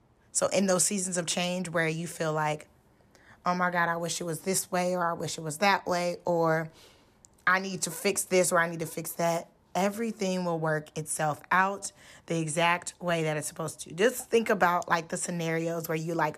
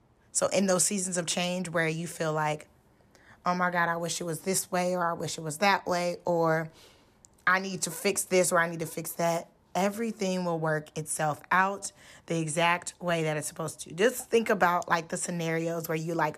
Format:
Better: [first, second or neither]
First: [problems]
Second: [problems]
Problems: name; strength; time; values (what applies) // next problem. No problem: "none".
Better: neither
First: none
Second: none